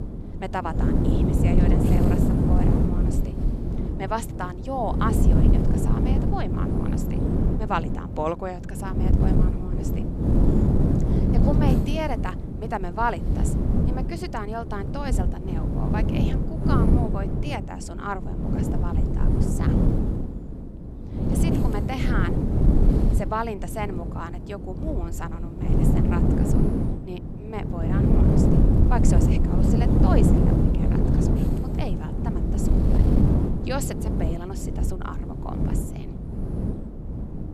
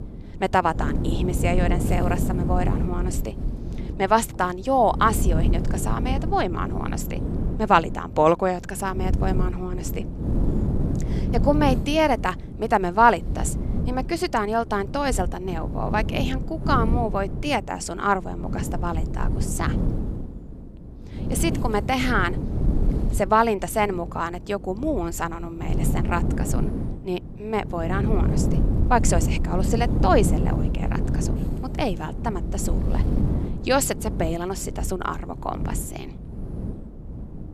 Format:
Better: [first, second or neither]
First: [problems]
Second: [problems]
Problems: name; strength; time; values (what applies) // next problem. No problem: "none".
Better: second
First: wind noise on the microphone; heavy; 1 dB above the speech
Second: wind noise on the microphone; occasional gusts; 10 dB below the speech